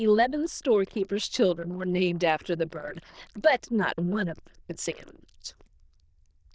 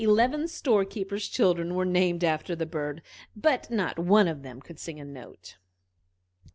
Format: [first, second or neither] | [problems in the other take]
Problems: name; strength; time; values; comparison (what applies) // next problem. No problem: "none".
second | noise reduction (neural diffusion model UNIVERSE++)